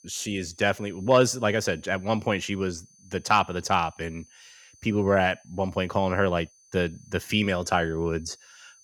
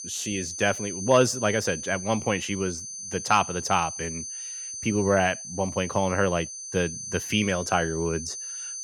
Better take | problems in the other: first | high-pitched whine; loud; throughout; 6 kHz, 8 dB below the speech; faint in the first

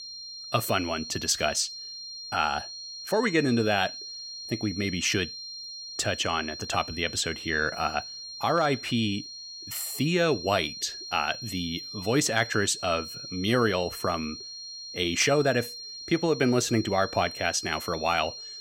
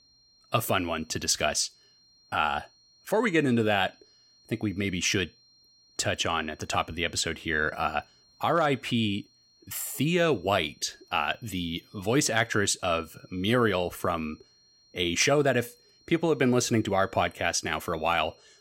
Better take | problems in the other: second | high-pitched whine; loud; throughout; 4 kHz, 10 dB below the speech; faint in the second

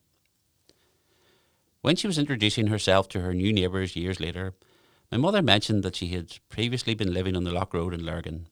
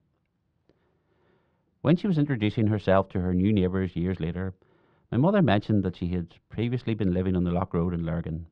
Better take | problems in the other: first | muffled; very; fading above 1.5 kHz

